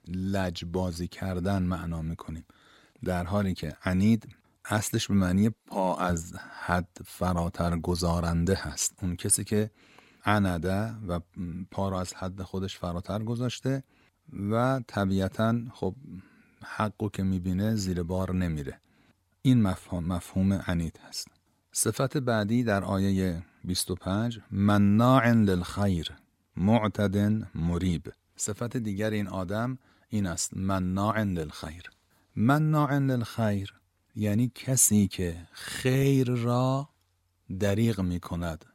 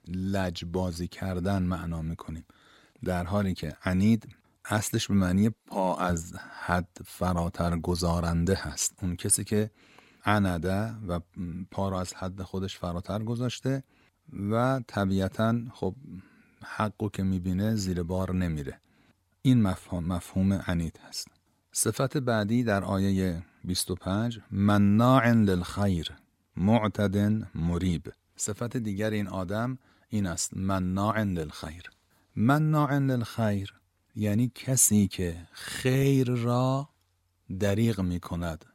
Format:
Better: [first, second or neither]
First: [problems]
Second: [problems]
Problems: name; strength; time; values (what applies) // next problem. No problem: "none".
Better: neither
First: none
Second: none